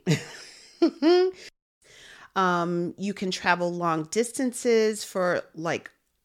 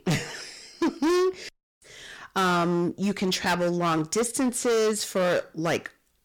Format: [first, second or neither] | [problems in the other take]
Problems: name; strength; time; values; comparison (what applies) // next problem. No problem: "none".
first | distortion; heavy; 17% of the sound clipped